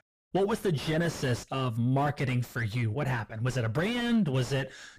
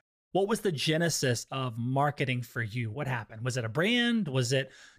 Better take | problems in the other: second | distortion; heavy; 6 dB below the speech

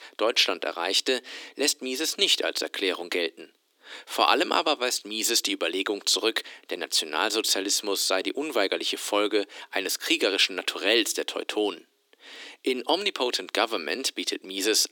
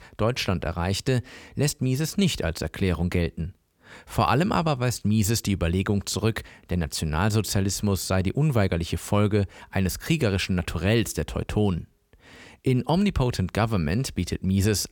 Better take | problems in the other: second | thin; very; fading below 300 Hz

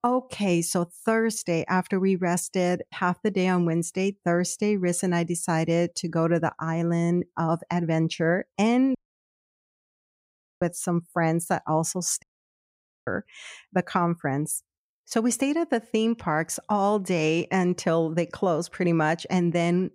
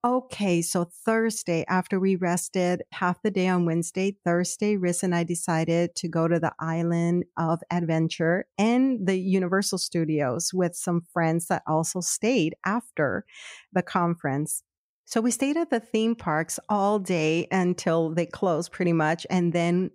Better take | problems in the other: second | audio cutting out; at 9 s for 1.5 s and at 12 s for 1 s

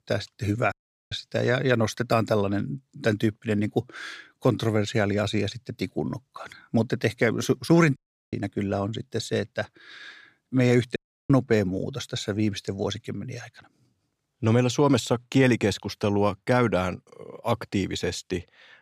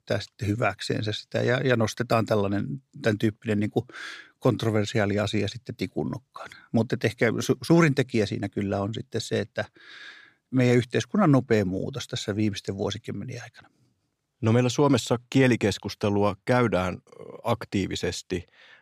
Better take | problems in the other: second | audio cutting out; at 0.5 s, at 8 s and at 11 s

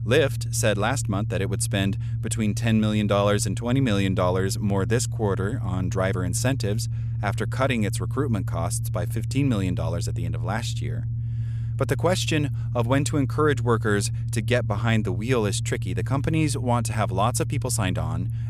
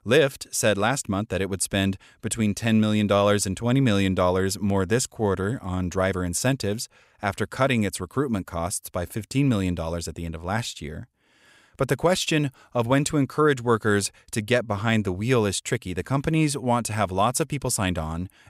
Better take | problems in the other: second | low rumble; noticeable; throughout; 15 dB below the speech

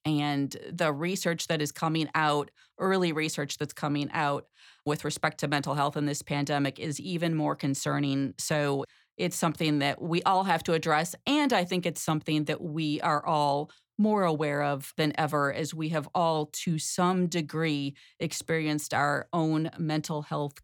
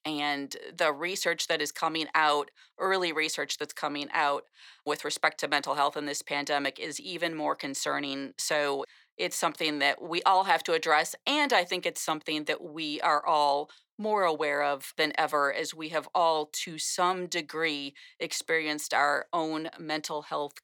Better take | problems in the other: first | thin; somewhat; fading below 450 Hz

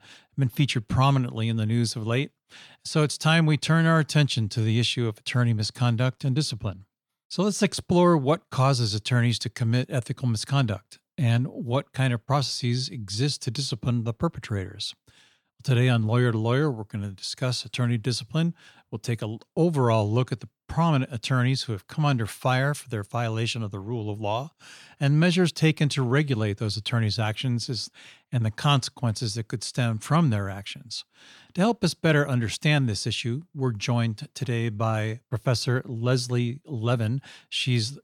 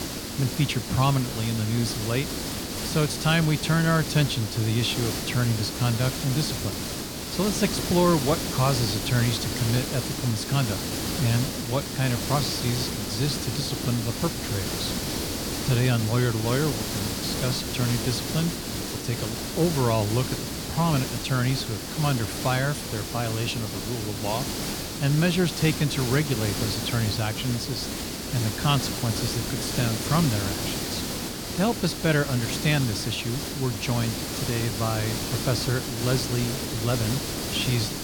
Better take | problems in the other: first | hiss; loud; throughout; 3 dB below the speech

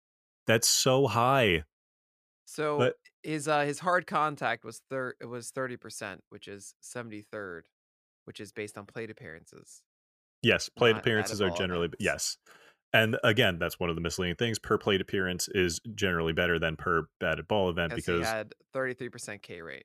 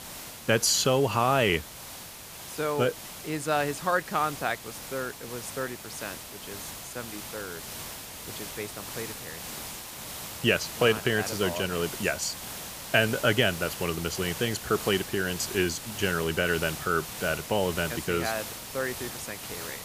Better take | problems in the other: first | hiss; loud; throughout; 10 dB below the speech

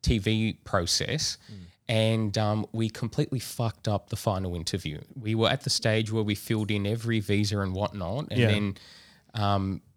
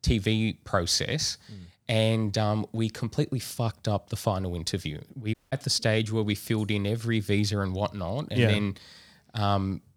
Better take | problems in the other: first | audio cutting out; at 5.5 s

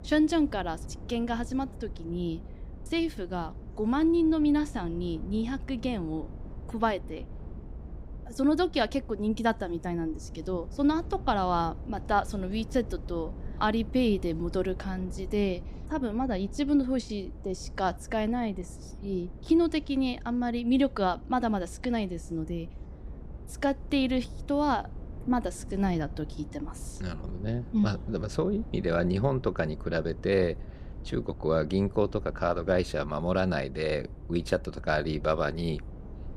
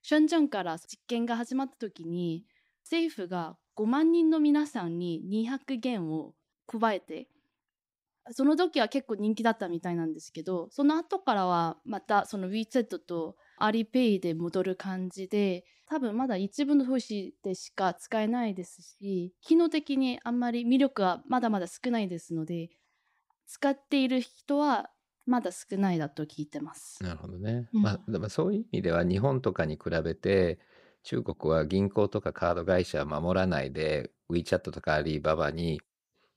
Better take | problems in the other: second | low rumble; faint; throughout; 20 dB below the speech

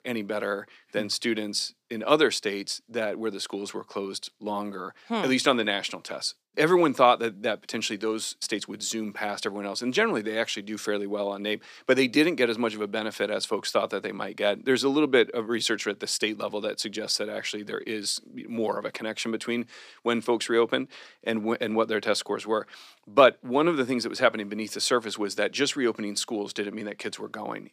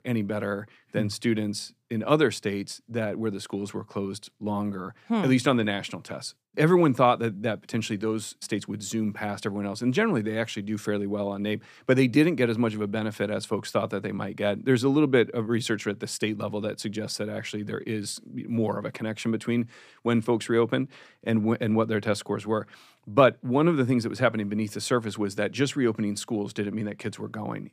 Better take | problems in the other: second | thin; very slightly; fading below 350 Hz

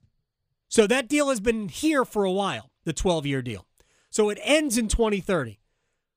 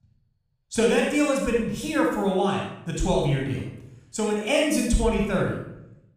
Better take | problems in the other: first | off-mic speech; somewhat distant // room echo; noticeable; dies away in 0.7 s

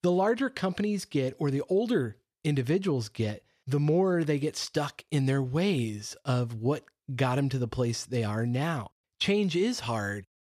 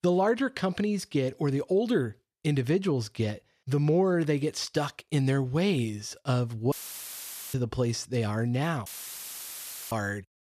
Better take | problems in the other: first | audio cutting out; filled with static; at 6.5 s for 1 s and at 9 s for 1 s

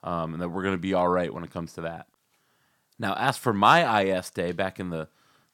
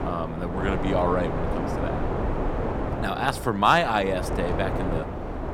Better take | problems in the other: first | wind noise on the microphone; heavy; 7 dB below the speech

